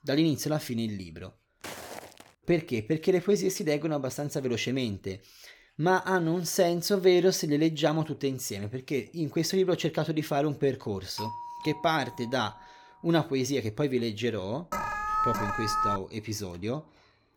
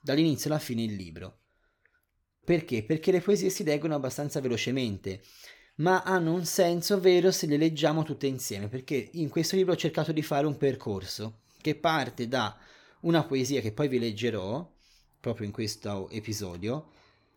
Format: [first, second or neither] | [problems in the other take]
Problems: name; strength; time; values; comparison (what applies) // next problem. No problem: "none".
second | footsteps; faint; at 1.5 s; peak 10 dB below the speech // doorbell; noticeable; from 11 to 13 s; peak 9 dB below the speech // alarm; loud; from 15 to 16 s; peak 1 dB above the speech